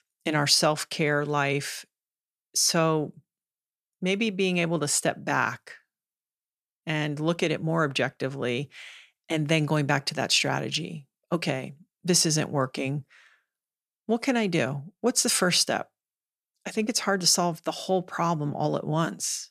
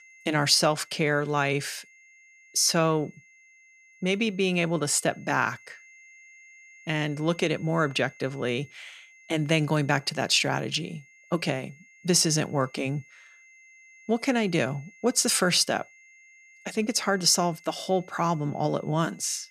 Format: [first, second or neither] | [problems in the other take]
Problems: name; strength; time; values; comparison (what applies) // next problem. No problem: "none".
first | high-pitched whine; faint; throughout; 2 kHz, 25 dB below the speech